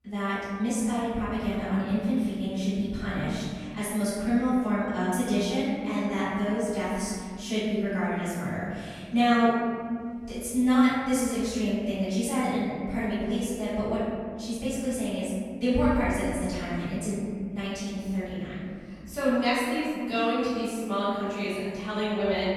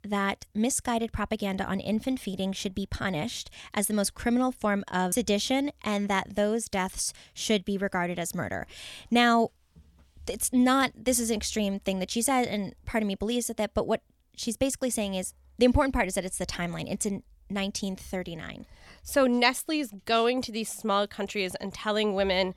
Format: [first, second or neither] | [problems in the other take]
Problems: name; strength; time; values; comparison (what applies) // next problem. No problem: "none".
second | off-mic speech; far // room echo; strong; dies away in 2.4 s